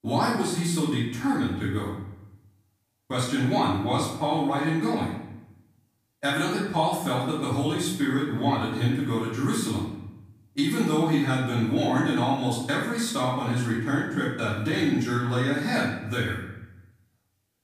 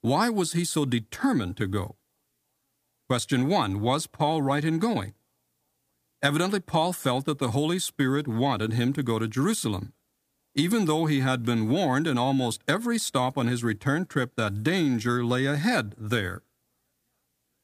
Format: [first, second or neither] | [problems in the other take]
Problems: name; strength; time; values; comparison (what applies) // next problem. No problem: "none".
second | off-mic speech; far // room echo; noticeable; dies away in 0.7 s